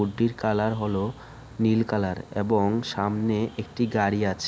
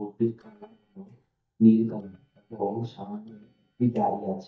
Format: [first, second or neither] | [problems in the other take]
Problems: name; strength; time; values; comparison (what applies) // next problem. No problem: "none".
first | noise reduction (neural mask model DeepFilterNet 3)